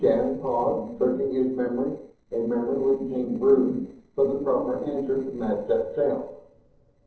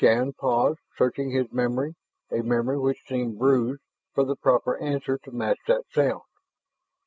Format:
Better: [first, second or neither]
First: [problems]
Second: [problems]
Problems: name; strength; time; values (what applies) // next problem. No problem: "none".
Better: second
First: noise reduction (neural separator model SepFormer DNS4)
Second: none